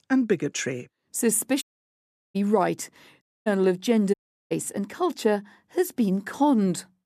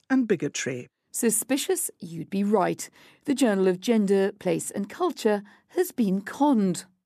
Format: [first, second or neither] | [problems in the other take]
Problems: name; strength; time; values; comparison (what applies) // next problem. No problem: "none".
second | audio cutting out; at 1.5 s for 0.5 s, at 3 s and at 4 s